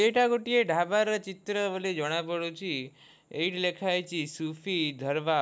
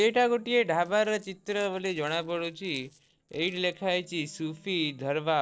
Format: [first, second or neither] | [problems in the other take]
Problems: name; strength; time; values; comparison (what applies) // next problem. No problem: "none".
first | noise reduction (neural separator model SepFormer DNS4)